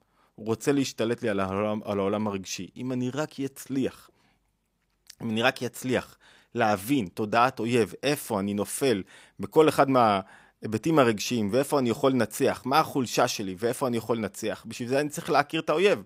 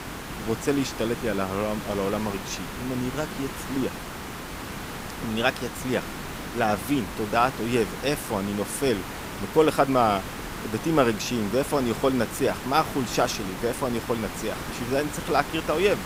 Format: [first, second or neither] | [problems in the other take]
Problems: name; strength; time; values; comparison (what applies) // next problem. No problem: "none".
first | hiss; loud; throughout; 8 dB below the speech